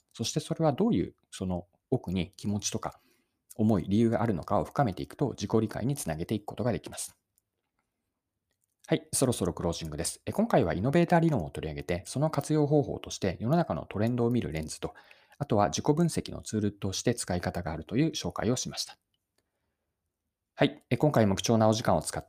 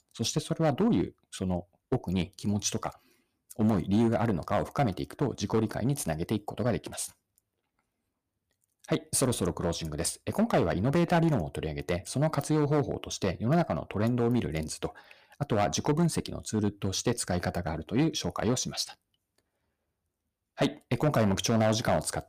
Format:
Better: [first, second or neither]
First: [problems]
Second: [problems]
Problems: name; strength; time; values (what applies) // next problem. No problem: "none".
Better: first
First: none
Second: distortion; slight; 4% of the sound clipped